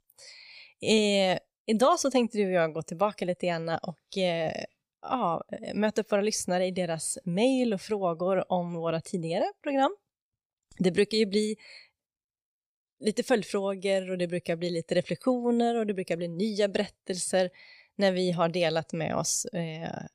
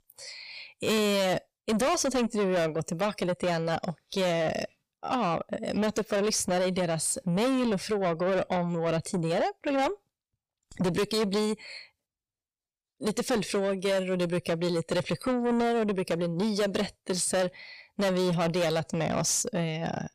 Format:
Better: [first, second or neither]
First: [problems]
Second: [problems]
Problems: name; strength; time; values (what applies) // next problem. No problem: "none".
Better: first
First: none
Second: distortion; heavy; 7 dB below the speech